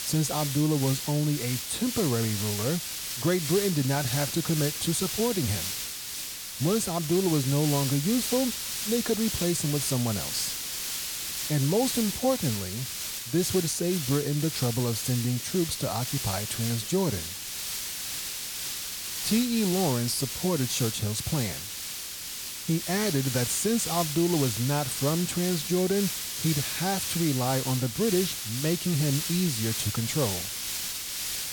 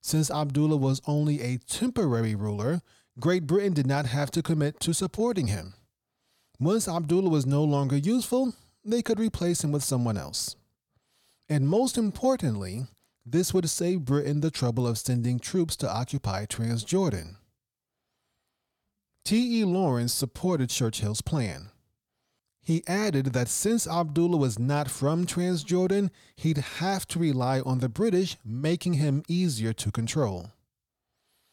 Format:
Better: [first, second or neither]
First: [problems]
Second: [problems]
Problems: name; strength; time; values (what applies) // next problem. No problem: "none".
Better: second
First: hiss; loud; throughout; 3 dB below the speech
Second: none